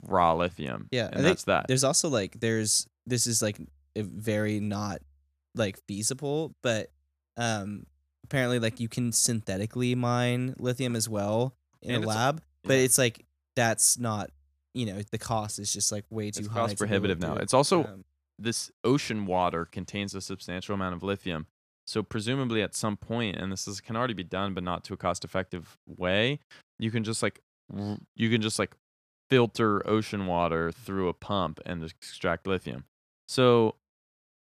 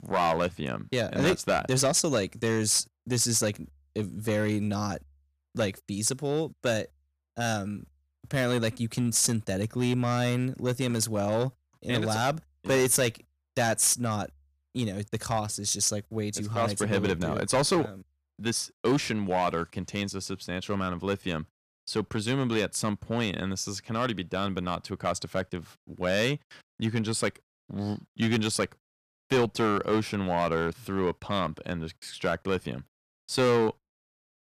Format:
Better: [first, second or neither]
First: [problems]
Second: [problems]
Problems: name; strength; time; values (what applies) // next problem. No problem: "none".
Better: first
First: none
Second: distortion; slight; 4% of the sound clipped